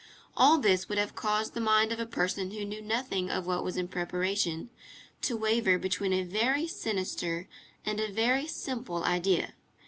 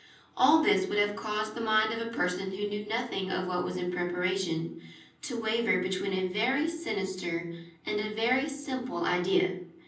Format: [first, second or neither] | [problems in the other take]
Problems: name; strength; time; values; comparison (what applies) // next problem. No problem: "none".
first | room echo; dies away in 0.6 s